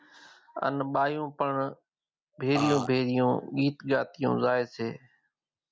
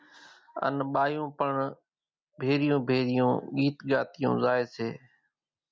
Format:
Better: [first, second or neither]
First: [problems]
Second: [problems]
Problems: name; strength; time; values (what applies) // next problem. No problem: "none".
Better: second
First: background sound (Burping, eructation); 2 dB below the speech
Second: none